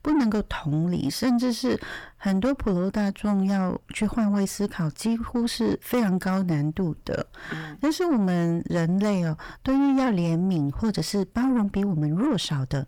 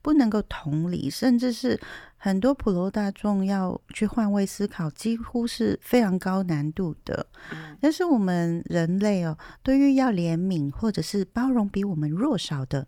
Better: second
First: distortion; slight; 9 dB below the speech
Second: none

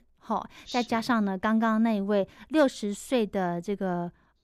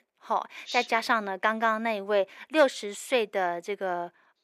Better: first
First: none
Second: thin; somewhat; fading below 500 Hz

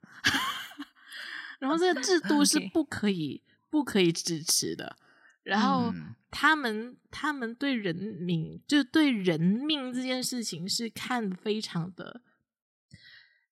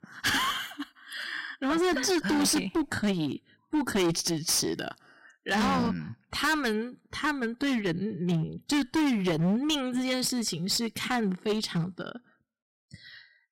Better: first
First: none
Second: distortion; heavy; 13% of the sound clipped

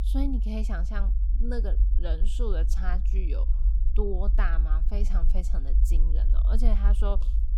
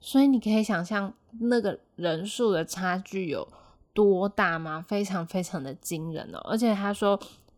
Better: second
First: low rumble; noticeable; throughout; 10 dB below the speech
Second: none

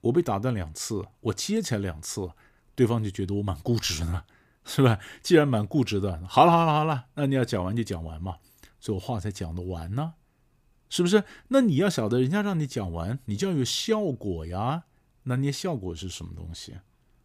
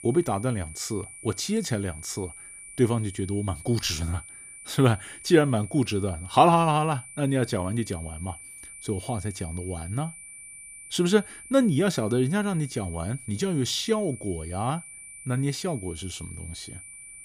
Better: first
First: none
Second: high-pitched whine; noticeable; throughout; 9 kHz, 15 dB below the speech

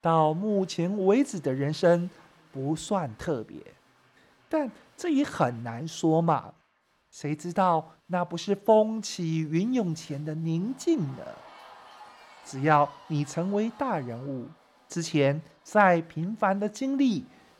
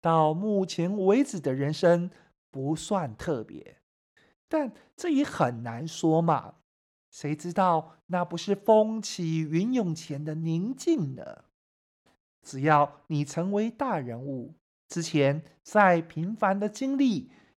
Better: second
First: crowd noise; faint; throughout; 25 dB below the speech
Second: none

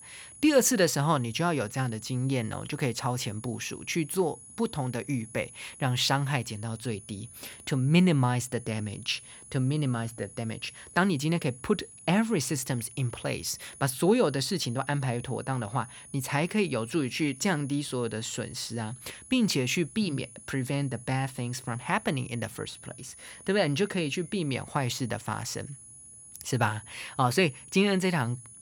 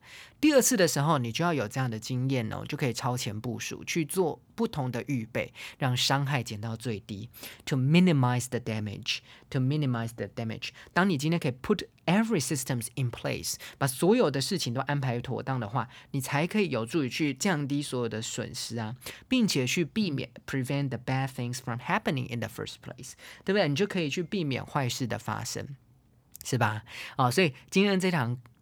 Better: second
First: high-pitched whine; noticeable; throughout; 10 kHz, 15 dB below the speech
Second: none

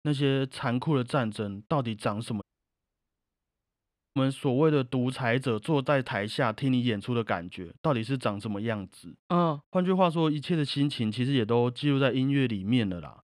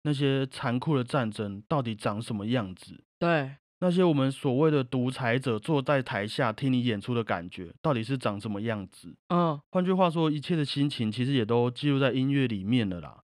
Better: second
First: audio cutting out; at 2.5 s for 1.5 s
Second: none

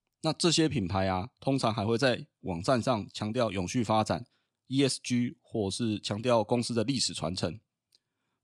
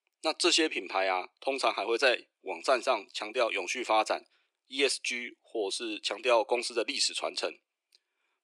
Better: first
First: none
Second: thin; very; fading below 350 Hz

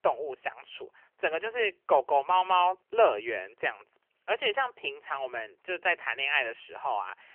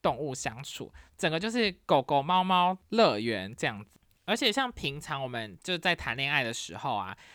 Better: second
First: phone-call audio; nothing above 3 kHz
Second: none

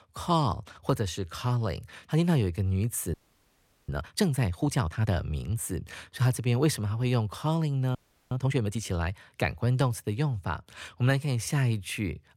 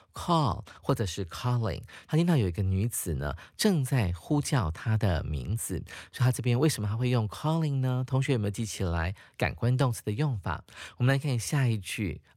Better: second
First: audio freezing; at 3 s for 0.5 s and at 8 s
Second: none

